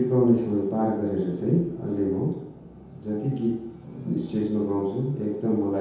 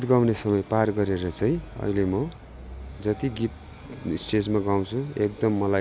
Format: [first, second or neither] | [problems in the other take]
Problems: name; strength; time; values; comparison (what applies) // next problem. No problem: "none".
second | room echo; dies away in 0.9 s